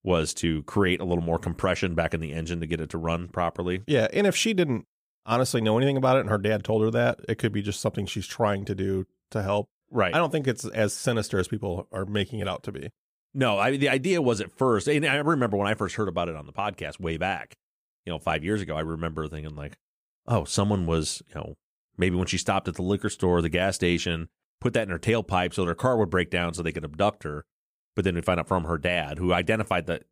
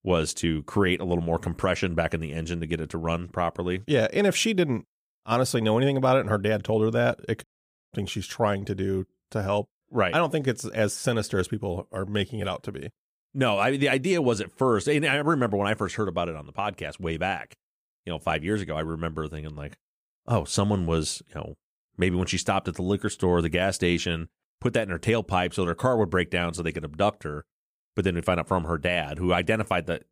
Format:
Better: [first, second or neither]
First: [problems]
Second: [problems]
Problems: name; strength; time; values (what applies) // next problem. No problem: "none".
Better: first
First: none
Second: audio cutting out; at 7.5 s